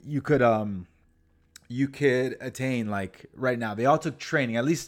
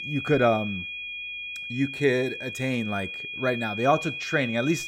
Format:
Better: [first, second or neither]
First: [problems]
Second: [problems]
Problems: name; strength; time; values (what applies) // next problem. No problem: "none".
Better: first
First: none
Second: high-pitched whine; loud; throughout; 2.5 kHz, 7 dB below the speech